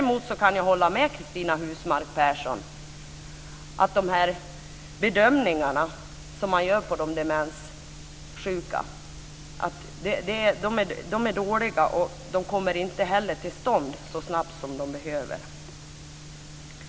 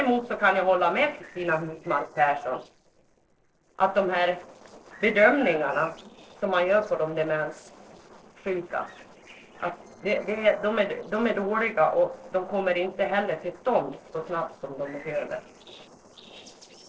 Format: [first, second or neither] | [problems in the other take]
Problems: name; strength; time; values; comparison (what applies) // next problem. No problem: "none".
first | noise reduction (neural separator model SepFormer DNS4)